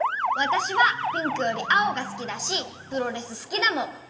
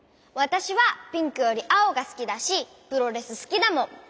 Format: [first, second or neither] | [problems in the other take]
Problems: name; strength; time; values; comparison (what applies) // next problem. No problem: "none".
second | background sound (Motor vehicle (road) / Siren); 4 dB below the speech // room echo; dies away in 1.9 s